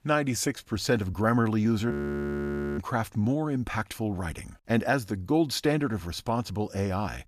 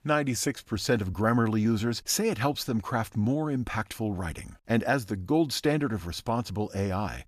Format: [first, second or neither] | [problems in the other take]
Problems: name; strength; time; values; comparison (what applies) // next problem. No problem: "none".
second | audio freezing; at 2 s for 1 s